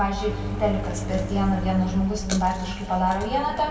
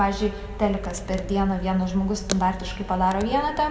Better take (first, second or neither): second